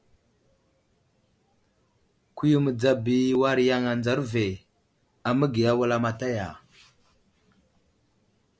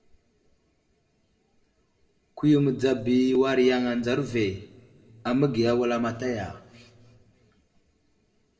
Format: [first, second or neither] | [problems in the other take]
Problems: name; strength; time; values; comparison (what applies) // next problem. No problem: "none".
first | room echo; dies away in 1 s